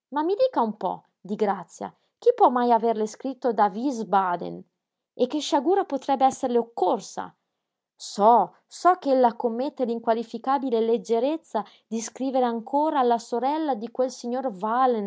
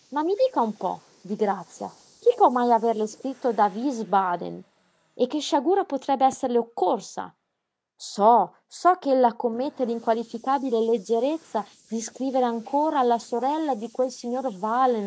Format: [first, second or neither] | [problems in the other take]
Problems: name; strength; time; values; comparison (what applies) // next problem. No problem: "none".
first | noise reduction (neural mask model Resemble Enhance denoiser)